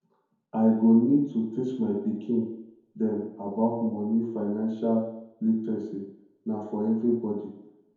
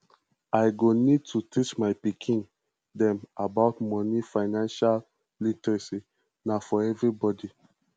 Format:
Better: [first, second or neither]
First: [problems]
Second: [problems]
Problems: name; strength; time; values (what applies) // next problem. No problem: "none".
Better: second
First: room echo; dies away in 0.9 s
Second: none